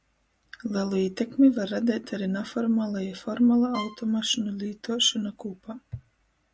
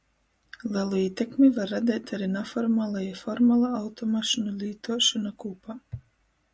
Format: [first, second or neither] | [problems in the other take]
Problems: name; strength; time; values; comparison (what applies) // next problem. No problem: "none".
second | background sound (Bowed string instrument); 15 dB below the speech